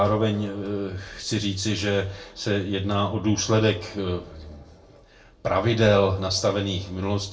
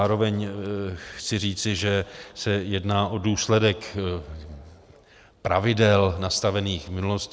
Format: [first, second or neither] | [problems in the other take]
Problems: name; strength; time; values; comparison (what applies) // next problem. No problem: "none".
second | room echo; dies away in 0.2 s